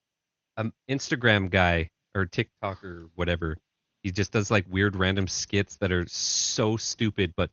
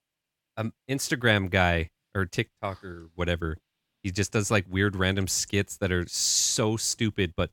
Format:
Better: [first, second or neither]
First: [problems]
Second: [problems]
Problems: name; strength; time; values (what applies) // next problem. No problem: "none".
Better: second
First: garbled, watery; slightly; nothing above 6.5 kHz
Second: none